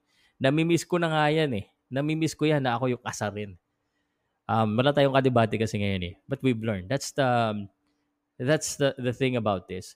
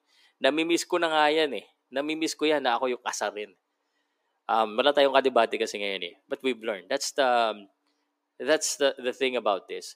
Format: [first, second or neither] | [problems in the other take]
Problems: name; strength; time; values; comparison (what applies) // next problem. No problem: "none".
first | thin; somewhat; fading below 300 Hz